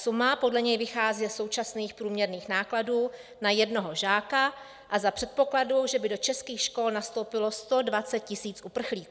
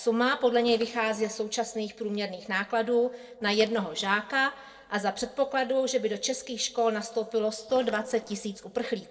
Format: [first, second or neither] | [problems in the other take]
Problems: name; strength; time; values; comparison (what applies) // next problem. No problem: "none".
first | noise reduction (neural separator model SepFormer DNS4)